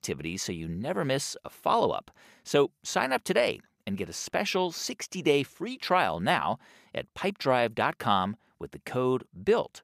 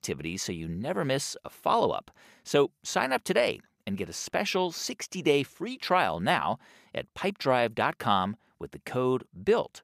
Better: neither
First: none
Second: none

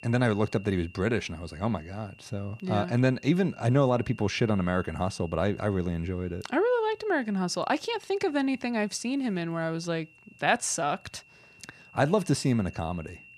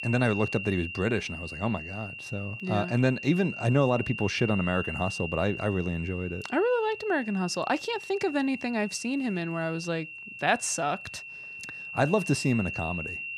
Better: first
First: high-pitched whine; faint; throughout; 2.5 kHz, 25 dB below the speech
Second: high-pitched whine; loud; throughout; 2.5 kHz, 8 dB below the speech

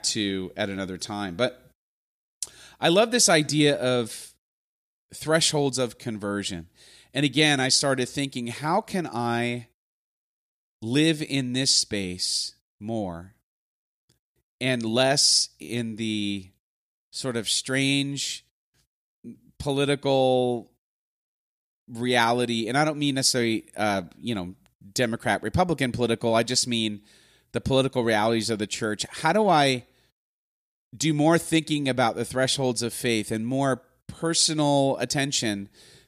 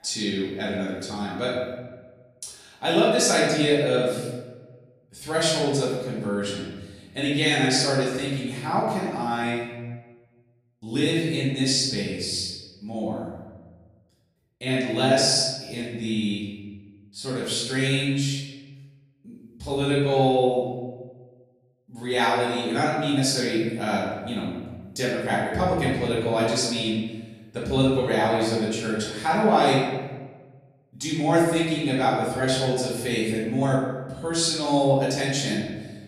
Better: first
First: none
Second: room echo; noticeable; dies away in 1.2 s // off-mic speech; far

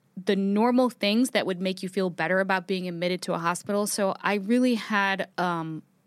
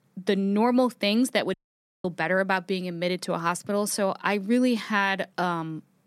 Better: first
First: none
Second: audio cutting out; at 1.5 s for 0.5 s

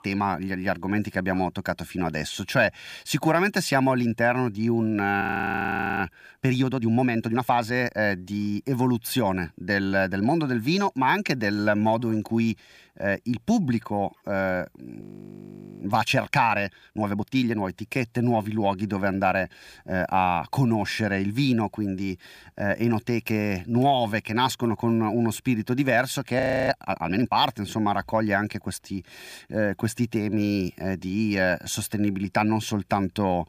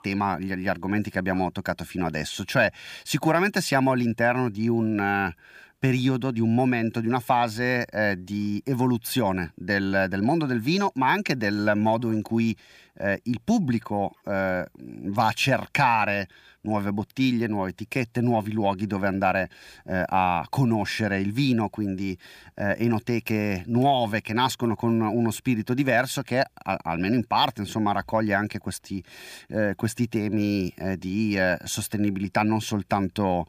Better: second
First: audio freezing; at 5 s for 1 s, at 15 s for 1 s and at 26 s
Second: none

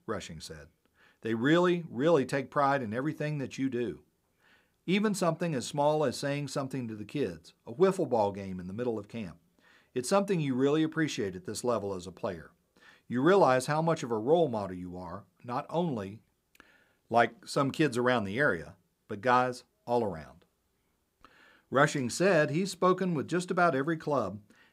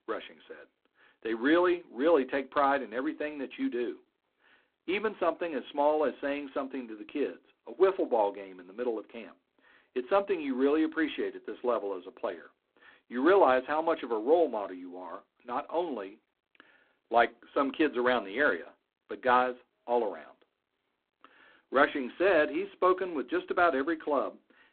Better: first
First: none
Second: phone-call audio; poor line; nothing above 3.5 kHz

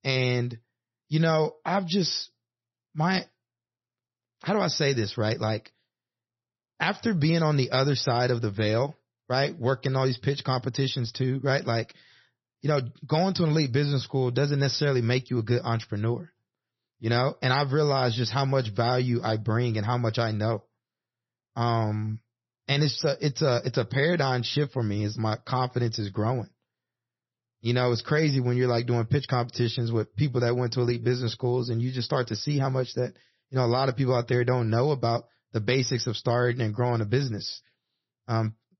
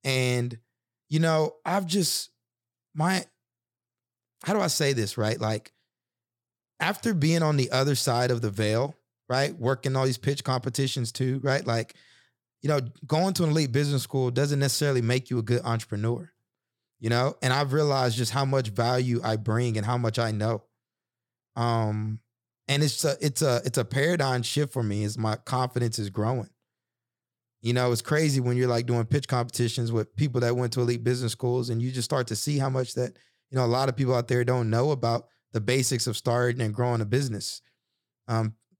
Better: second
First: garbled, watery; slightly; nothing above 6 kHz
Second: none

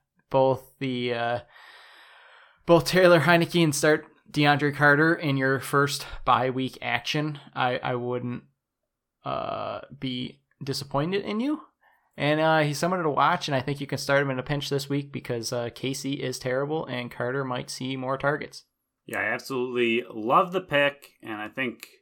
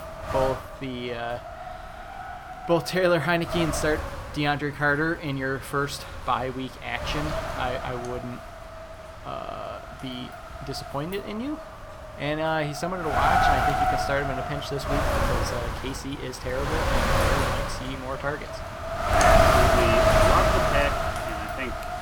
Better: first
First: none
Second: wind noise on the microphone; heavy; 5 dB above the speech

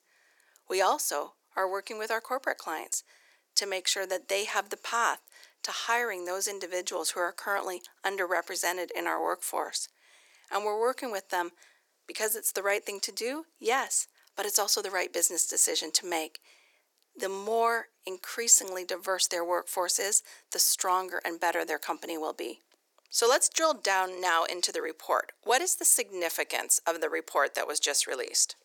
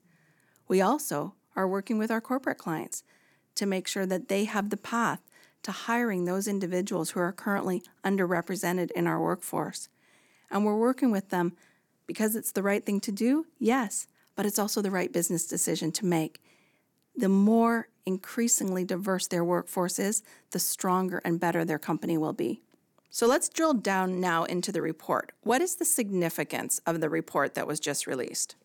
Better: second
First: thin; very; fading below 450 Hz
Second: none

